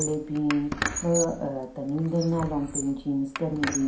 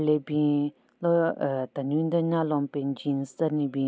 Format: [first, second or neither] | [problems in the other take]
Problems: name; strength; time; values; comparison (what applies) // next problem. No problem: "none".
second | background sound (Squeak); 7 dB below the speech // room echo; dies away in 0.5 s